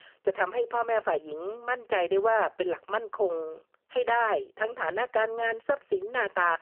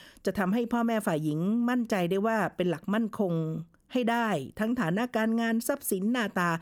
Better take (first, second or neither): second